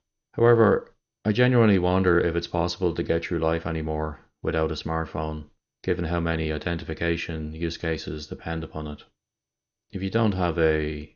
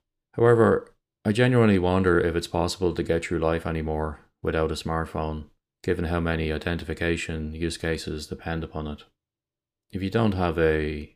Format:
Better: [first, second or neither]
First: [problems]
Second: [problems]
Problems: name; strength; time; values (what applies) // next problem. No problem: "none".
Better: second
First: garbled, watery; slightly; nothing above 6.5 kHz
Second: none